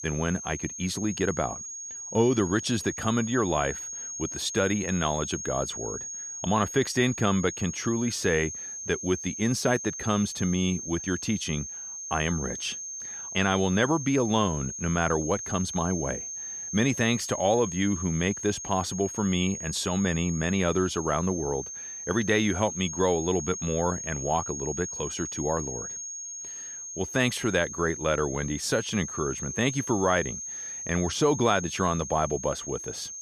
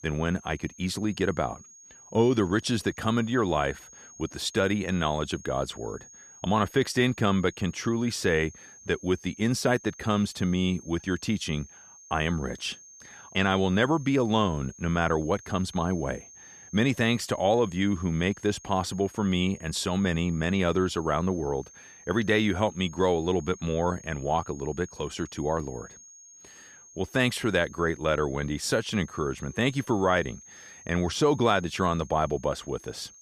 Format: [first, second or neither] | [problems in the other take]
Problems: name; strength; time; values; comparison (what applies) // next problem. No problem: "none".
second | high-pitched whine; loud; throughout; 6.5 kHz, 7 dB below the speech; faint in the second